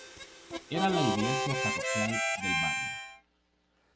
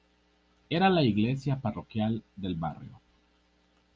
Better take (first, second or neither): second